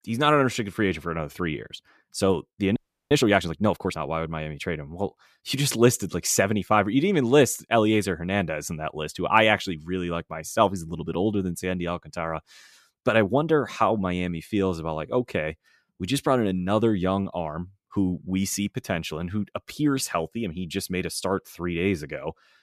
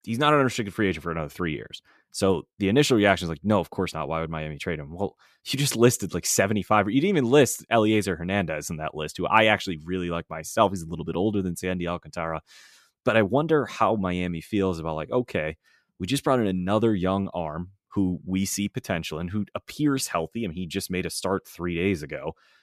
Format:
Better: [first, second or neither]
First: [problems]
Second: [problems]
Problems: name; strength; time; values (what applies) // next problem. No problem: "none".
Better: second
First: audio freezing; at 3 s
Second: none